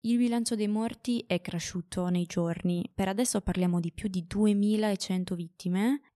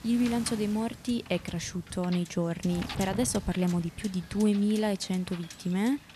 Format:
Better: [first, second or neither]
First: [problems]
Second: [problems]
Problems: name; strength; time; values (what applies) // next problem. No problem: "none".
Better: first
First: none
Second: wind noise on the microphone; occasional gusts; 10 dB below the speech